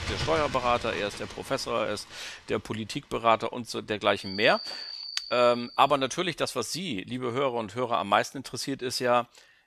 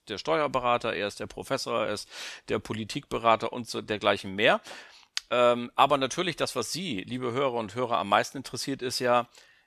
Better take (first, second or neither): second